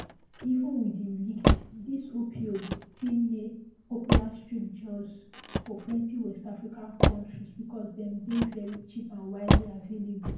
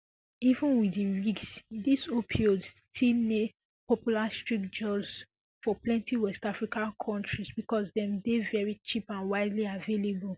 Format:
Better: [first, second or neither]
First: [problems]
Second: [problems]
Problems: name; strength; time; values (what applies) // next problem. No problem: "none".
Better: second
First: background sound (Motor vehicle (road)); 2 dB above the speech // room echo; dies away in 0.9 s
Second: none